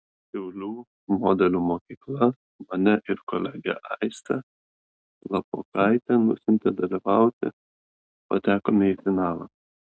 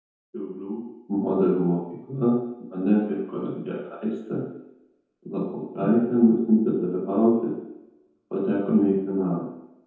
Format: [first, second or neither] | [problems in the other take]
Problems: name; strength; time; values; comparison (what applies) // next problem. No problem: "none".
first | room echo; dies away in 0.9 s